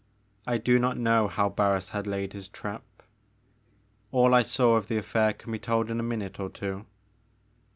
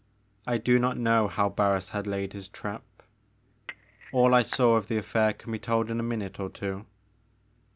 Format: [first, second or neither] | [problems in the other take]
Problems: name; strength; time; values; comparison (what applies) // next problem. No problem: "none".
first | background sound (Cutlery, silverware / Dishes, pots, and pans / Chink, clink); 16 dB below the speech